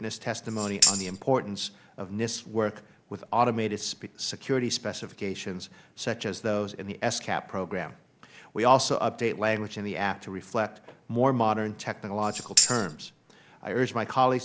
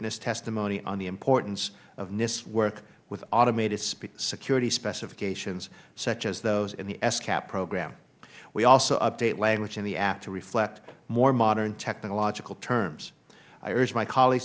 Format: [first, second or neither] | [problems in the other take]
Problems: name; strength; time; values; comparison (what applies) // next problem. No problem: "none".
second | background sound (Tambourine); 1 dB above the speech